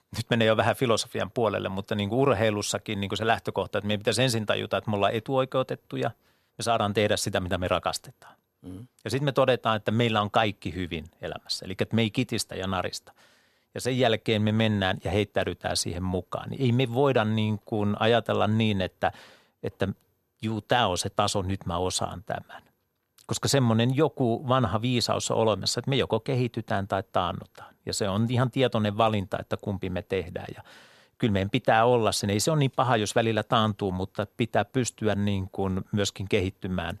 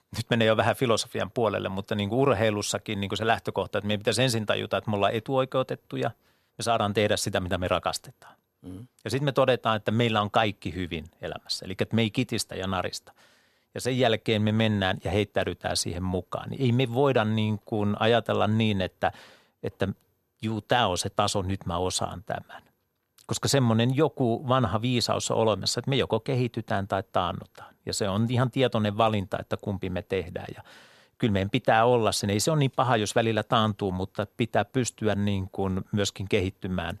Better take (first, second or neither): neither